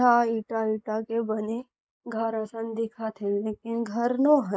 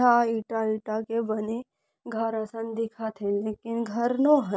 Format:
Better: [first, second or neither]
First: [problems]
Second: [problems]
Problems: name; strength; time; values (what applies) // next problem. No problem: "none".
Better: second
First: noise reduction (neural mask model Resemble Enhance denoiser)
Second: none